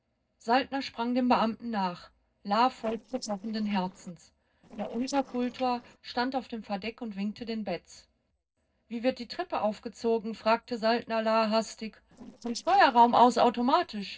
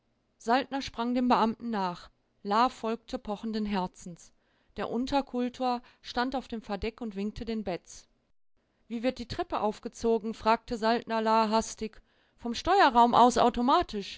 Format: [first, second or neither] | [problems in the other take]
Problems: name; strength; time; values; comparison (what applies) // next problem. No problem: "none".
second | noise reduction (neural separator model SepFormer DNS4)